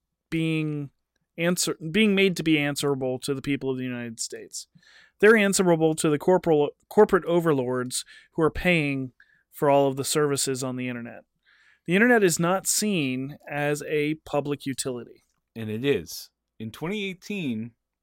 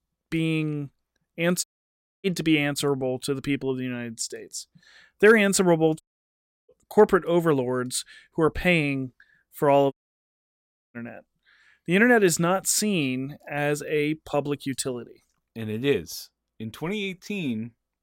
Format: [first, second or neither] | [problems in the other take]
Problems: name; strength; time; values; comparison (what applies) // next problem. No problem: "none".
first | audio cutting out; at 1.5 s for 0.5 s, at 6 s for 0.5 s and at 10 s for 1 s